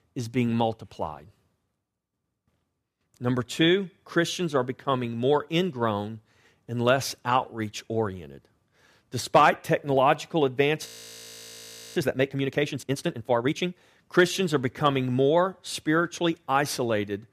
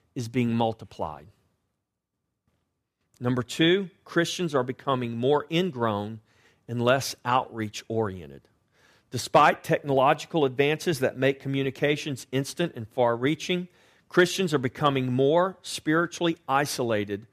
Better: second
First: audio freezing; at 11 s for 1 s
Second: none

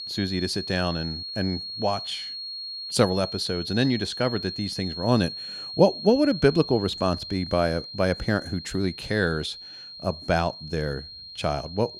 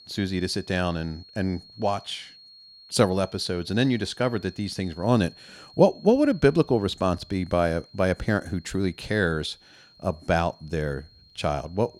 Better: second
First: high-pitched whine; loud; throughout; 4.5 kHz, 8 dB below the speech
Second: high-pitched whine; faint; throughout; 4.5 kHz, 25 dB below the speech

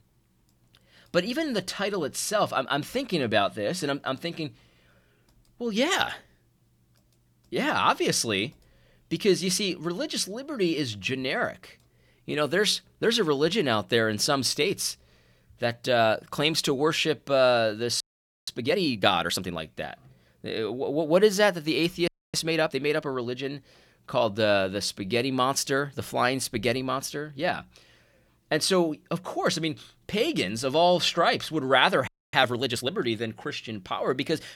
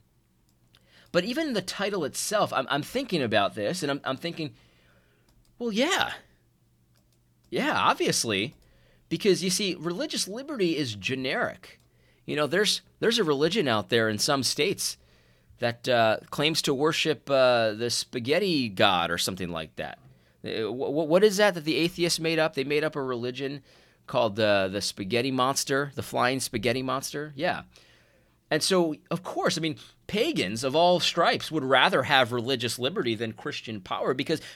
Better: second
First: audio freezing; at 18 s, at 22 s and at 32 s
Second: none

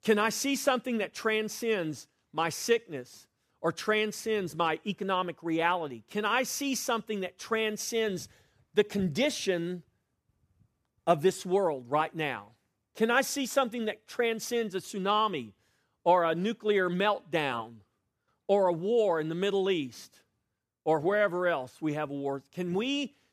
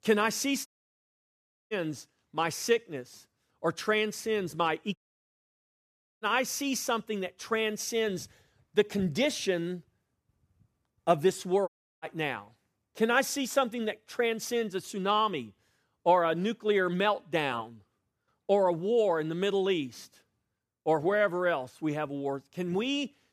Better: first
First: none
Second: audio cutting out; at 0.5 s for 1 s, at 5 s for 1.5 s and at 12 s

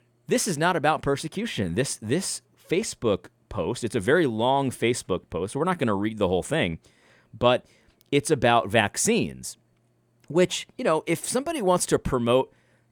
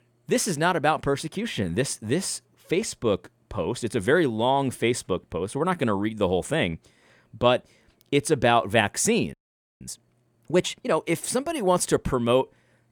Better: first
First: none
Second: audio freezing; at 9.5 s

